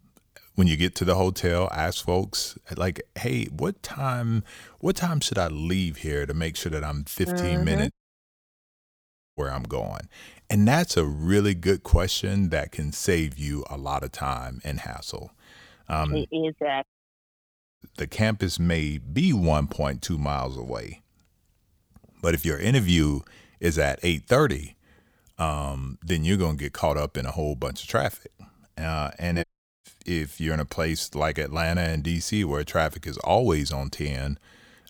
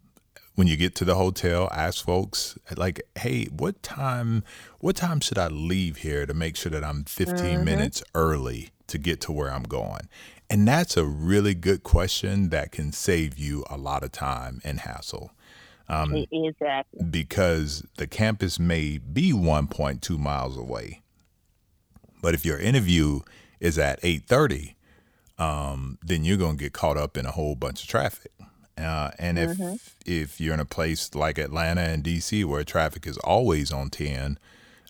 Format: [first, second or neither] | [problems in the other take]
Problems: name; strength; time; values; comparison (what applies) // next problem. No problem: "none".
second | audio cutting out; at 8 s for 1.5 s, at 17 s for 1 s and at 29 s